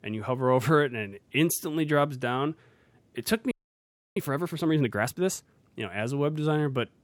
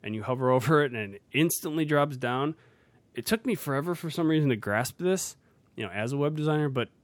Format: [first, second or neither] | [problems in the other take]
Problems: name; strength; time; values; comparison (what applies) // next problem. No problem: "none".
second | audio freezing; at 3.5 s for 0.5 s